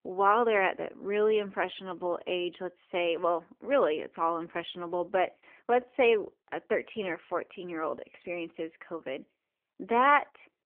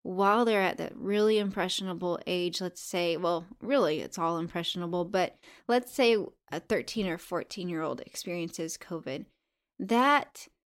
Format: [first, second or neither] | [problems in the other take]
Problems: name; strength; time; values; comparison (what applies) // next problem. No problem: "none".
second | phone-call audio; nothing above 3 kHz